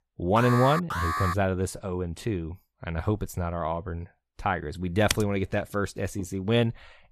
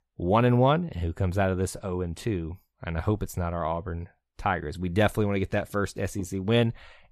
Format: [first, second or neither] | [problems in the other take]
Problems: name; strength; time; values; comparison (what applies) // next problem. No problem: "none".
second | alarm; noticeable; at 0.5 s; peak 1 dB below the speech // keyboard typing; noticeable; at 5 s; peak 3 dB below the speech